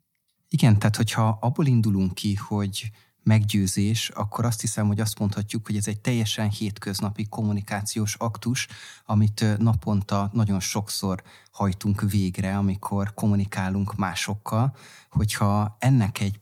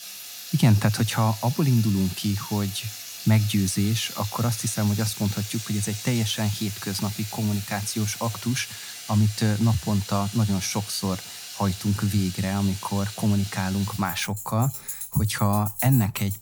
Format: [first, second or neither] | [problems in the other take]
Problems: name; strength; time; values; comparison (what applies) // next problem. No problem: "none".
first | household noises; loud; throughout; 9 dB below the speech